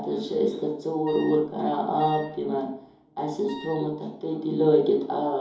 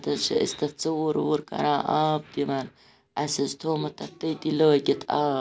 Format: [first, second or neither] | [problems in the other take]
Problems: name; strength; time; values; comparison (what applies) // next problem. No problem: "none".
second | background sound (Wind instrument, woodwind instrument); 19 dB below the speech // room echo; dies away in 2.8 s